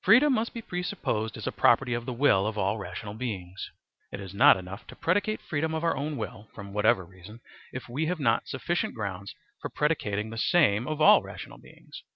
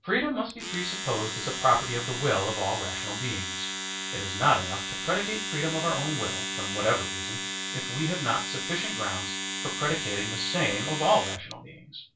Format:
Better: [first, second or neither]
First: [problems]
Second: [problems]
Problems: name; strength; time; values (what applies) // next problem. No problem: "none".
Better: first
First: none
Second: background sound (Domestic sounds, home sounds); 4 dB below the speech // room echo; dies away in 0.2 s